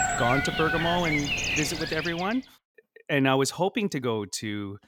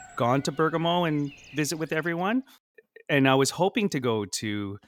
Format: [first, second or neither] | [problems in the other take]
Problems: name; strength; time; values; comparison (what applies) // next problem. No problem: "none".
second | animal sounds; loud; until 2 s; as loud as the speech; faint in the second